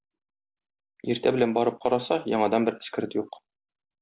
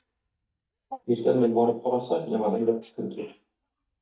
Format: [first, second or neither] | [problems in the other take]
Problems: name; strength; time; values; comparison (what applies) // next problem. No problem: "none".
first | noise reduction (neural mask model DeepFilterNet 3)